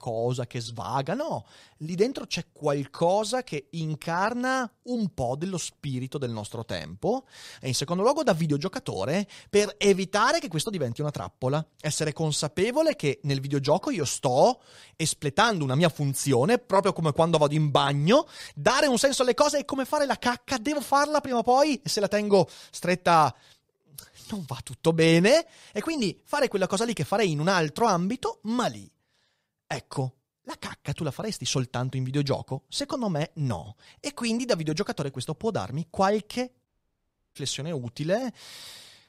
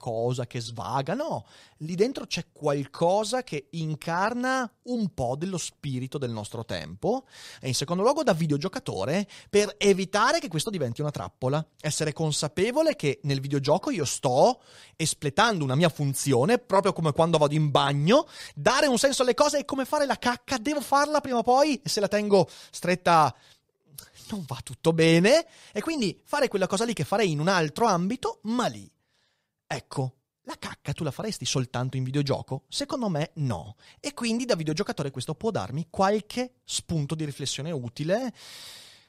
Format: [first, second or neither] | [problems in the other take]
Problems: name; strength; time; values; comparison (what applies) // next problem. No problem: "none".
second | audio cutting out; at 37 s for 0.5 s